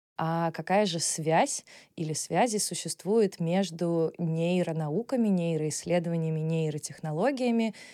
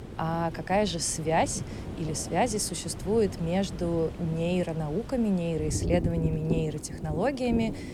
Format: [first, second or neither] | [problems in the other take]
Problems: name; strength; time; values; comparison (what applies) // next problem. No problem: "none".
first | rain or running water; loud; throughout; 8 dB below the speech